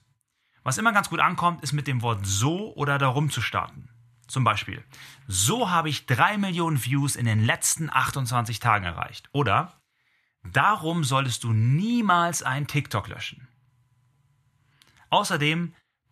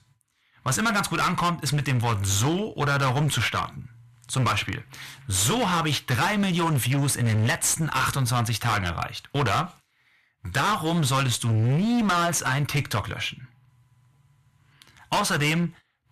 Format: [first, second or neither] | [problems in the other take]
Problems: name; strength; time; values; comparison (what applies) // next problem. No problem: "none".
first | distortion; heavy; 21% of the sound clipped